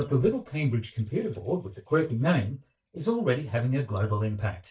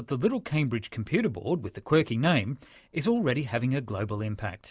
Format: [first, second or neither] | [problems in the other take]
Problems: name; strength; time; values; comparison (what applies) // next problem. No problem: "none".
second | noise reduction (neural mask model DeepFilterNet 3)